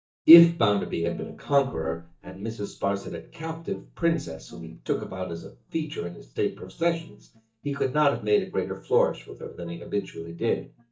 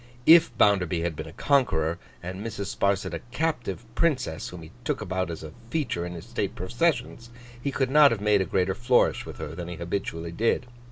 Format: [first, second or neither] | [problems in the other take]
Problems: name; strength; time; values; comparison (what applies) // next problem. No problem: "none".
second | noise reduction (neural mask model DeepFilterNet 3)